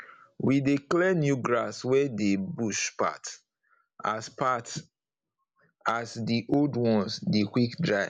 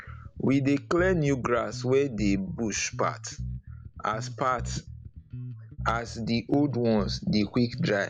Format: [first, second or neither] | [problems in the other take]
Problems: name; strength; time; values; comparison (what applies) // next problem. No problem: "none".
first | background sound (Bass guitar); 11 dB below the speech